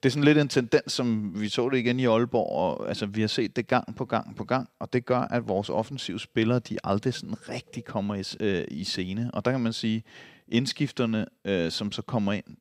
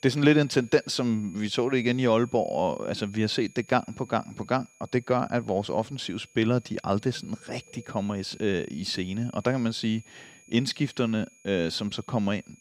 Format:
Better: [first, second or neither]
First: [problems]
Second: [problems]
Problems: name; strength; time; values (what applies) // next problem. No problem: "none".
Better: first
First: none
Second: high-pitched whine; faint; throughout; 6.5 kHz, 25 dB below the speech